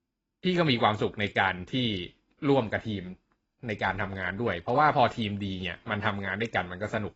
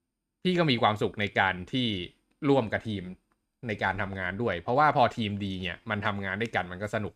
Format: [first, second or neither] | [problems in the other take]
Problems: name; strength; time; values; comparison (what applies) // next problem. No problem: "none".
second | garbled, watery; badly; nothing above 7.5 kHz